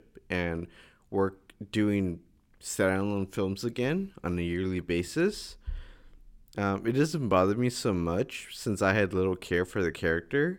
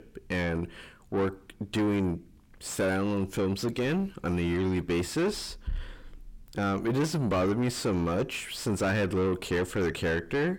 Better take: first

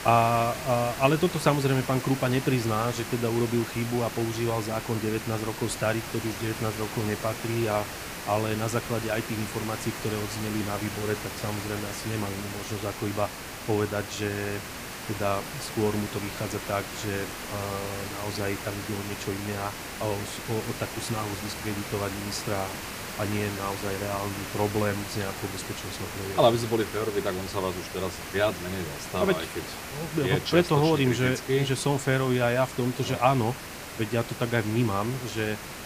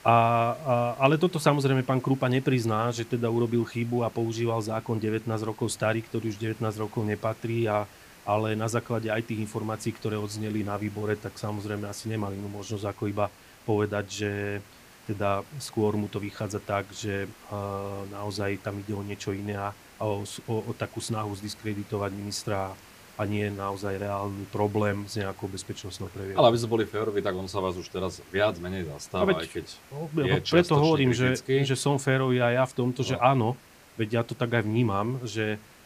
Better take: second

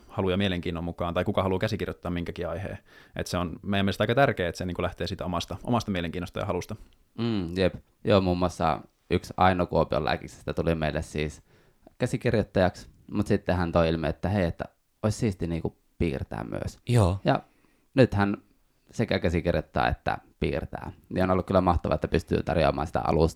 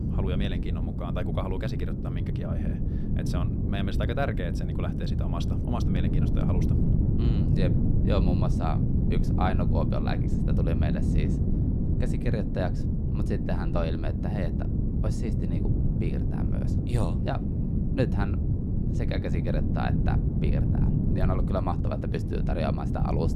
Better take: first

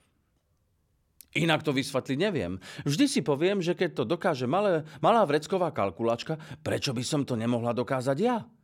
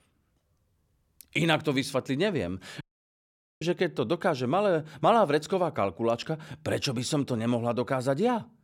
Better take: first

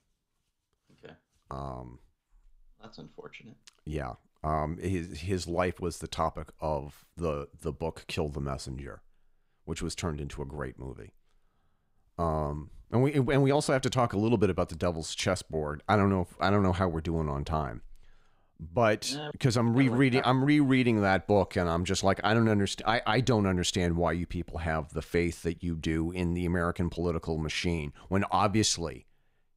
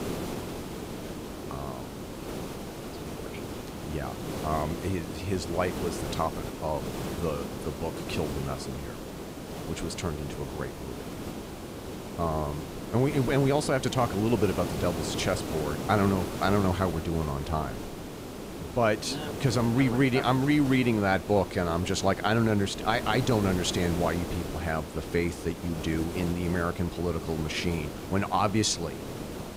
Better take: first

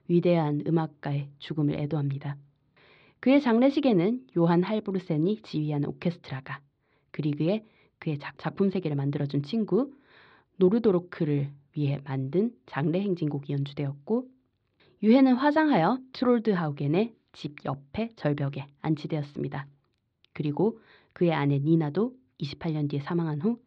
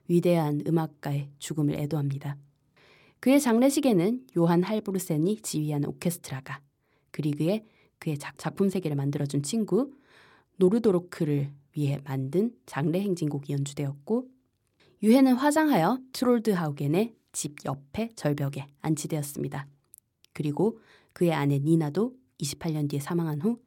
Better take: second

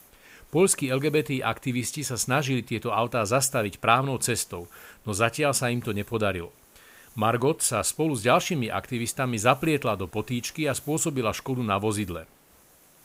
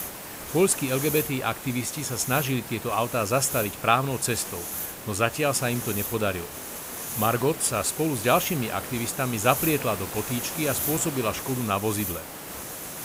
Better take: first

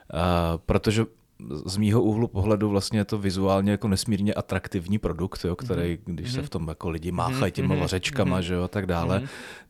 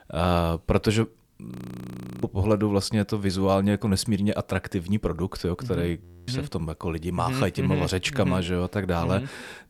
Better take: first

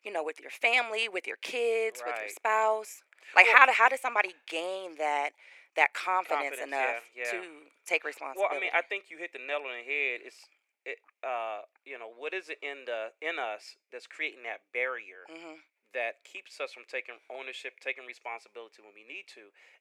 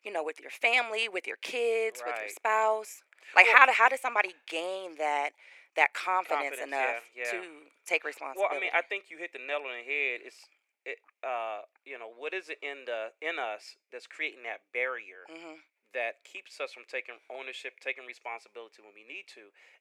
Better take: neither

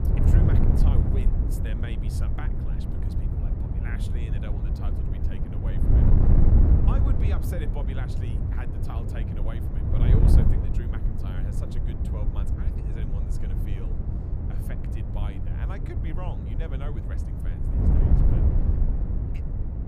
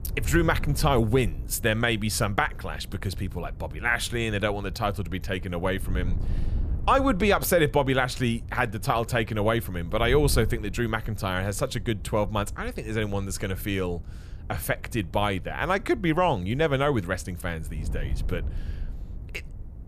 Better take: second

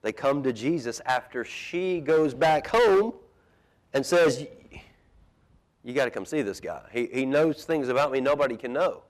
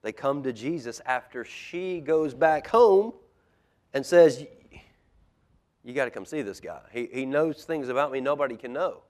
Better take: second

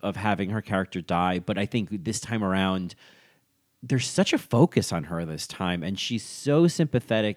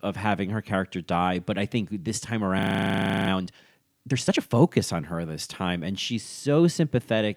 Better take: first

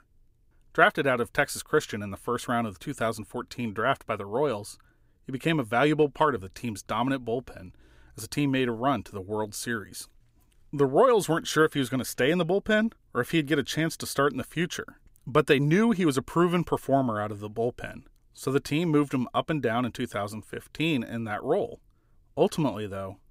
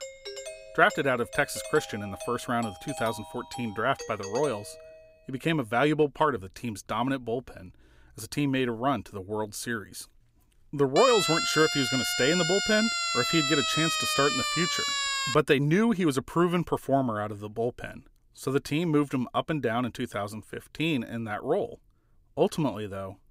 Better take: first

